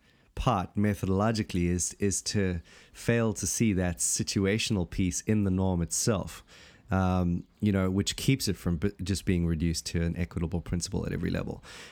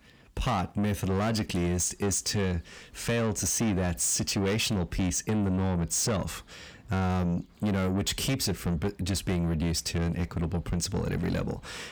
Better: first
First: none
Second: distortion; heavy; 8 dB below the speech

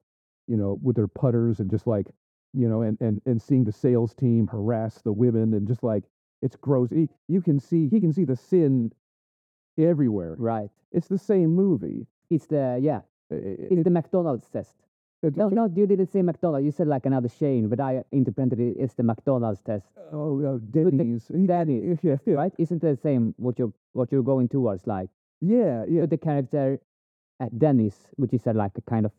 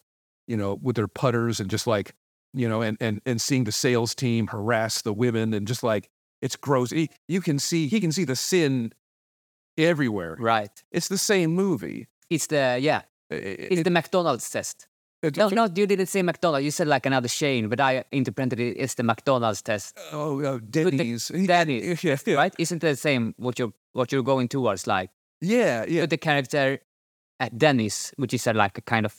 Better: second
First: muffled; very; fading above 1 kHz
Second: none

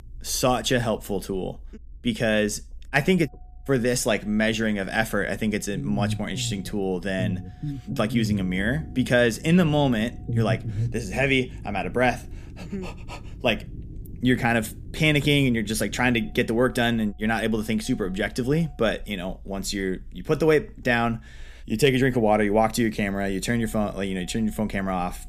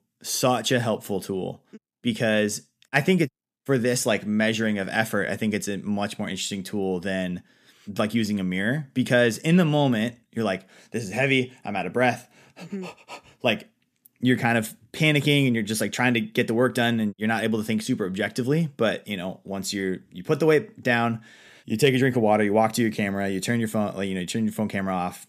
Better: second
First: low rumble; faint; throughout; 20 dB below the speech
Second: none

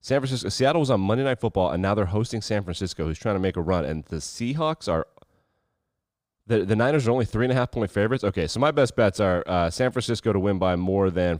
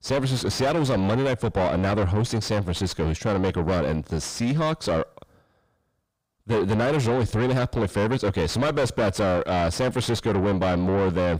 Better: first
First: none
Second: distortion; heavy; 6 dB below the speech

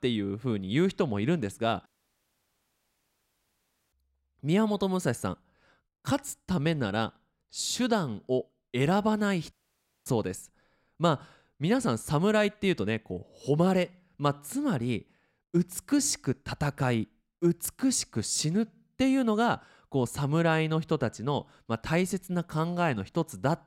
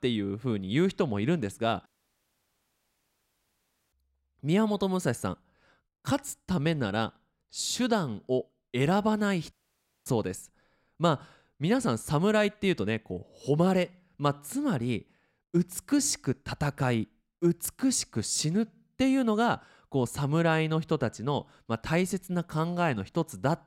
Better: neither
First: audio cutting out; at 2 s for 2 s and at 9.5 s for 0.5 s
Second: audio cutting out; at 2 s for 2 s and at 9.5 s for 0.5 s

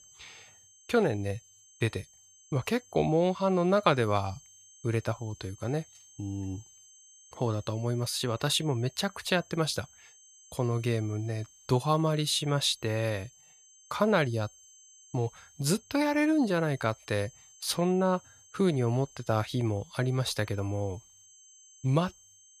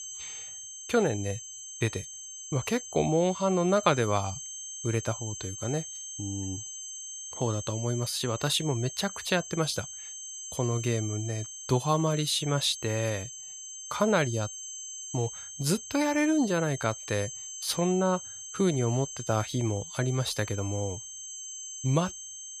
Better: first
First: high-pitched whine; faint; throughout; 6.5 kHz, 25 dB below the speech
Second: high-pitched whine; loud; throughout; 6.5 kHz, 9 dB below the speech

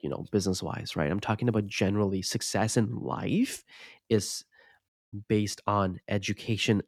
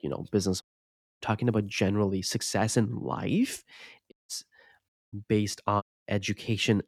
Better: first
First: none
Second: audio cutting out; at 0.5 s for 0.5 s, at 4 s and at 6 s

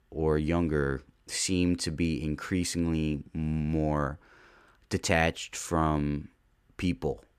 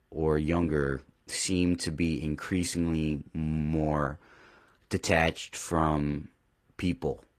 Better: first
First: none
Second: garbled, watery; slightly; nothing above 14.5 kHz

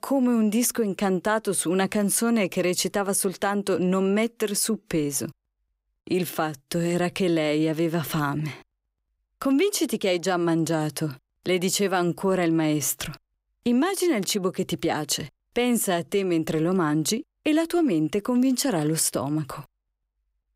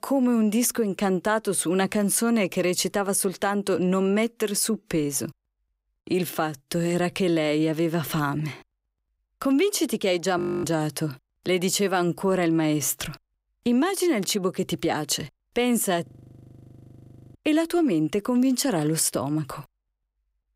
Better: first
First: none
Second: audio freezing; at 10 s and at 16 s for 1.5 s

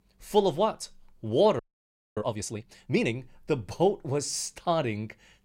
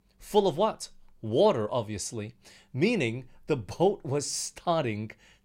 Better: second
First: audio freezing; at 1.5 s for 0.5 s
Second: none

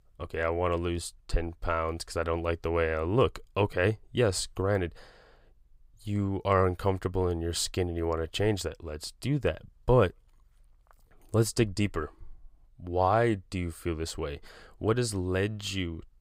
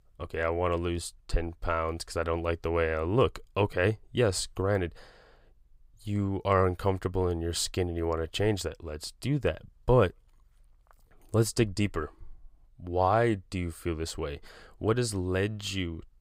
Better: neither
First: none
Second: none

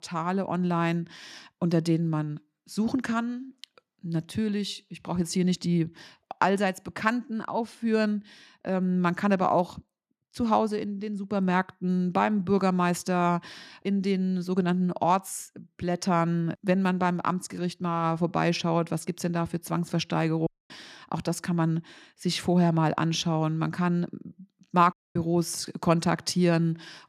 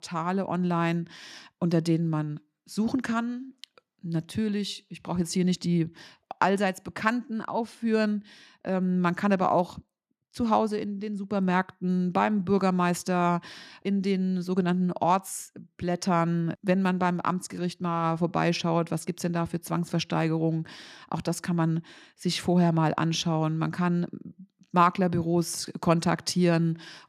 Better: second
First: audio cutting out; at 20 s and at 25 s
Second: none

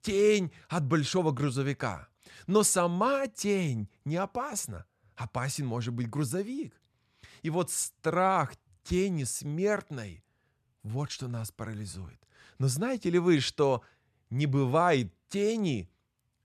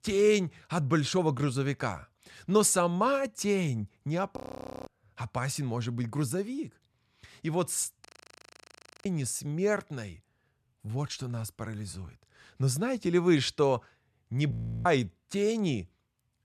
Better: first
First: none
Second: audio freezing; at 4.5 s for 0.5 s, at 8 s for 1 s and at 15 s

